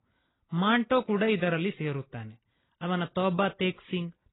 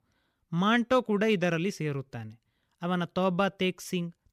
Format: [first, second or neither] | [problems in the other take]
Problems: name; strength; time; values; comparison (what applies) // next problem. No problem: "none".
second | garbled, watery; badly; nothing above 4 kHz